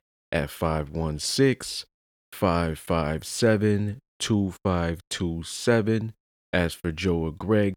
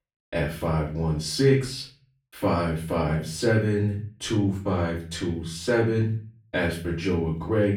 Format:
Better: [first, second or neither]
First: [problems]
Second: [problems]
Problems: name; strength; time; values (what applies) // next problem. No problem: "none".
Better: first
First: none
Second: off-mic speech; far // room echo; slight; dies away in 0.4 s